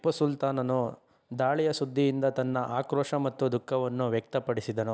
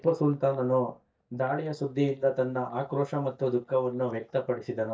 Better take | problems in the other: first | noise reduction (neural mask model DeepFilterNet 3)

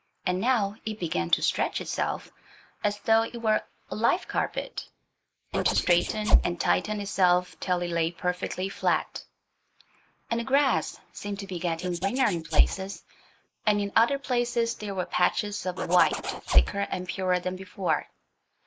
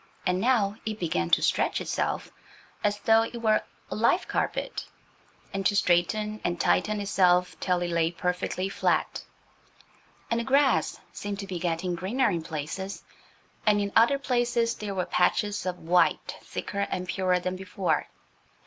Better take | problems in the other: second | noise reduction (neural mask model Resemble Enhance denoiser)

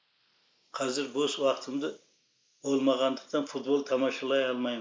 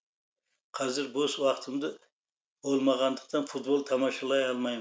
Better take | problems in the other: second | noise reduction (neural mask model Resemble Enhance denoiser)

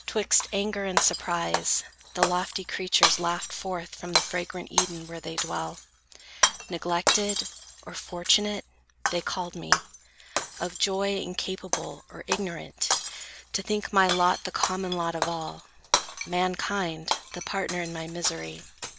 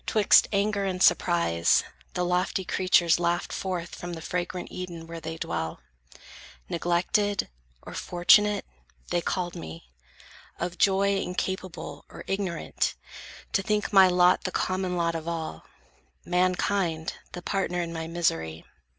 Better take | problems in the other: second | background sound (Shatter); 2 dB below the speech

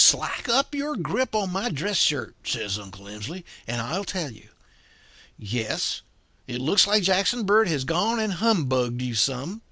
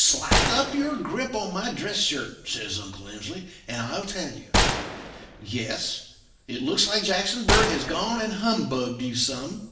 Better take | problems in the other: first | background sound (Gunshot, gunfire); as loud as the speech // room echo; dies away in 0.9 s

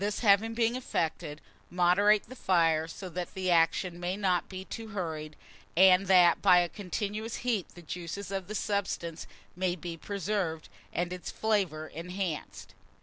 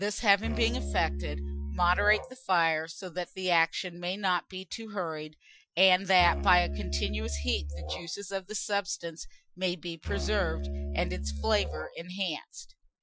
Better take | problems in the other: first | noise reduction (classical method Wiener filter)

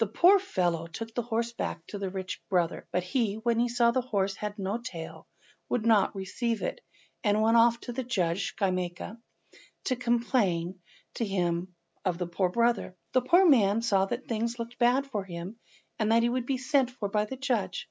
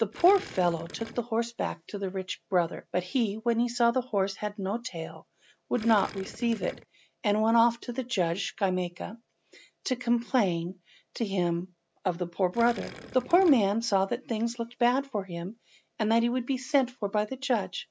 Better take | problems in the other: first | background sound (Gurgling); 16 dB below the speech

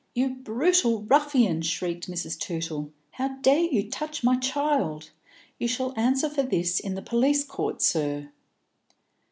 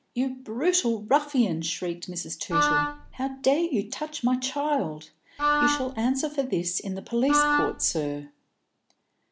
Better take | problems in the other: first | background sound (Wind instrument, woodwind instrument); 1 dB above the speech

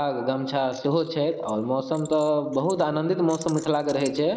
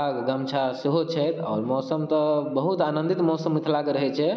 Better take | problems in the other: second | noise reduction (neural mask model Resemble Enhance denoiser)

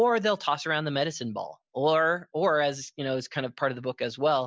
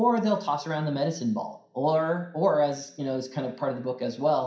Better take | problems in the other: first | room echo; dies away in 0.5 s

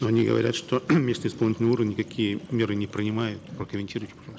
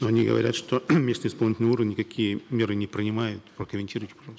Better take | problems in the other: second | background sound (Sink (filling or washing)); 19 dB below the speech

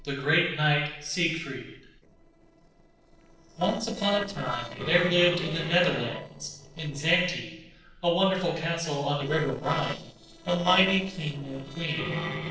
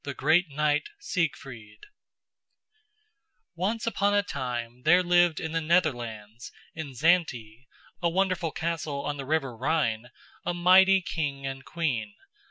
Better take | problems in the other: second | noise reduction (neural separator model SepFormer DNS4)

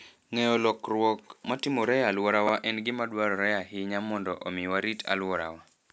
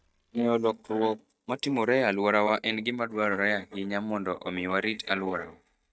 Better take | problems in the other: first | noise reduction (neural mask model DeepFilterNet 3)

